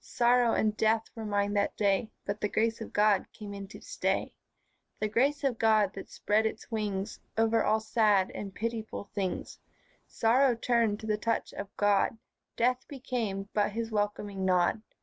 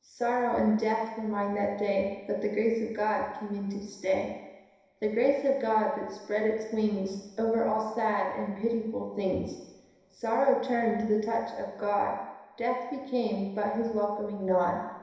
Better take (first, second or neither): first